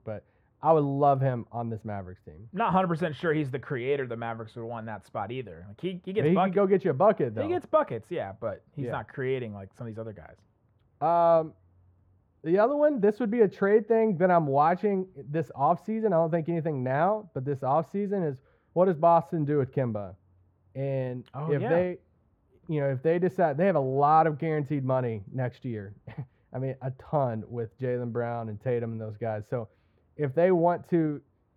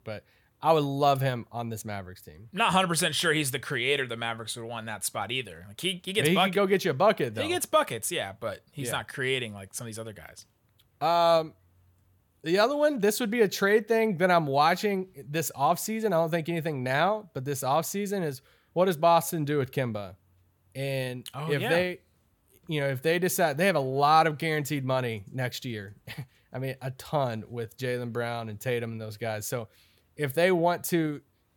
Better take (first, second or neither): second